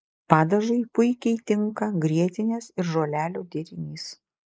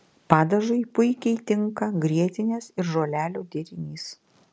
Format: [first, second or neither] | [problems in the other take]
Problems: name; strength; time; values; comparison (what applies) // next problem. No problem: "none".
second | noise reduction (neural mask model Resemble Enhance denoiser)